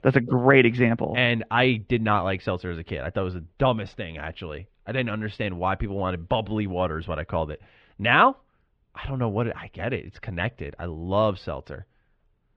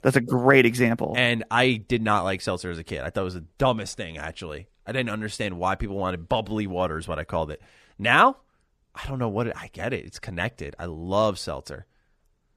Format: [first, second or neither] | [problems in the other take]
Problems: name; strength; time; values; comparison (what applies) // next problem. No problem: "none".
second | muffled; slightly; fading above 3 kHz